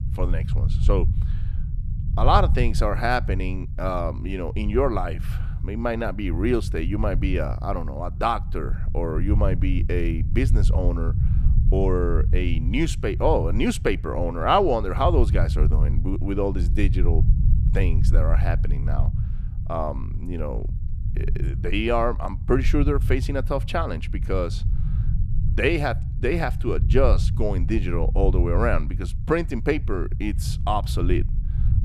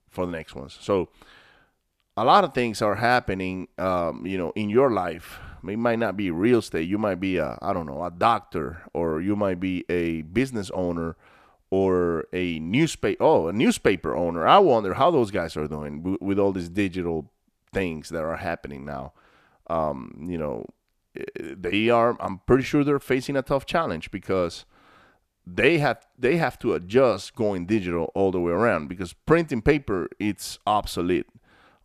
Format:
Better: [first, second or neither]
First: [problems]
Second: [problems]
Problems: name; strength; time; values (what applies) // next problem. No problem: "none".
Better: second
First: low rumble; noticeable; throughout; 15 dB below the speech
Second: none